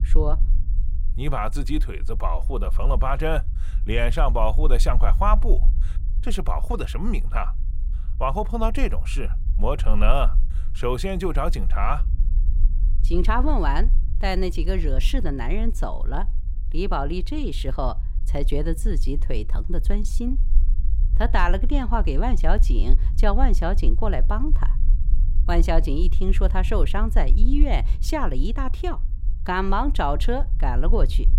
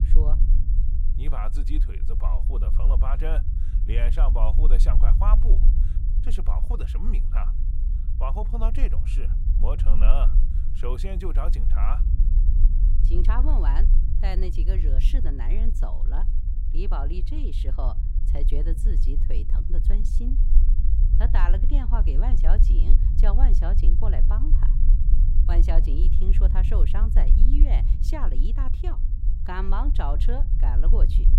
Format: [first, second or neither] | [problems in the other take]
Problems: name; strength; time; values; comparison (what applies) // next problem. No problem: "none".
first | low rumble; loud; throughout; 8 dB below the speech; faint in the first